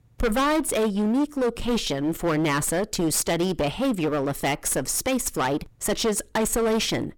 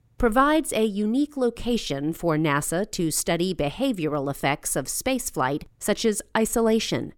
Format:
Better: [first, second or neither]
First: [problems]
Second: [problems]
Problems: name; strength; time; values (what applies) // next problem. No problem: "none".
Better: second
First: distortion; heavy; 19% of the sound clipped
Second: none